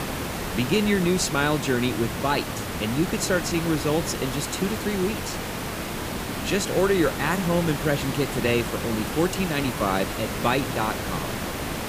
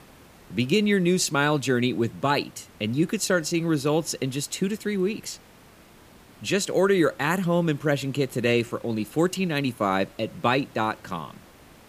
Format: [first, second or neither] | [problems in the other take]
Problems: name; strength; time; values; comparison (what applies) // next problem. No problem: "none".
second | hiss; loud; throughout; 4 dB below the speech; faint in the second